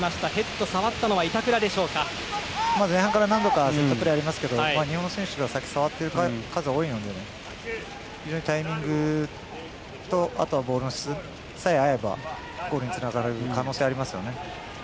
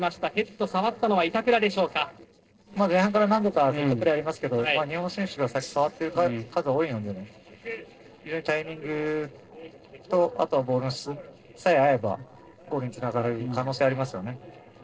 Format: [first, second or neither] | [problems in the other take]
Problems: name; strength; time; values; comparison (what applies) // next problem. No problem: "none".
first | noise reduction (neural separator model SepFormer DNS4)